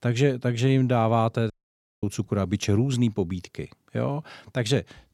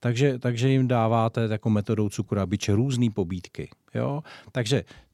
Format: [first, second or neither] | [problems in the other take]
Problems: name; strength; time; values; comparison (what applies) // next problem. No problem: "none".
second | audio cutting out; at 1.5 s for 0.5 s